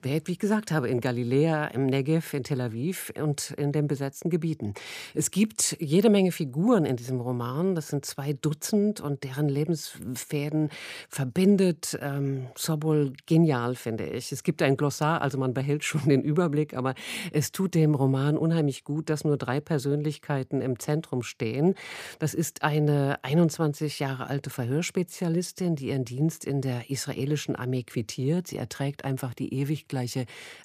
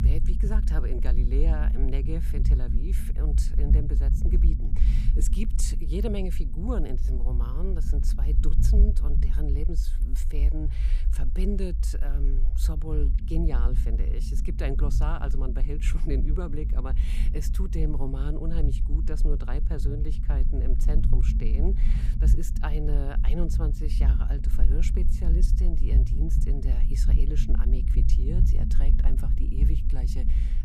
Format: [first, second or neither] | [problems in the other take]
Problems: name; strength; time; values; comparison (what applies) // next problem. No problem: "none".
first | low rumble; loud; throughout; 6 dB below the speech